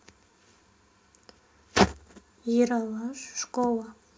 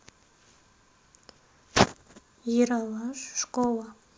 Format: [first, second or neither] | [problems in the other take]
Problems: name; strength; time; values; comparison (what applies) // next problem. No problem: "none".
second | room echo; dies away in 0.3 s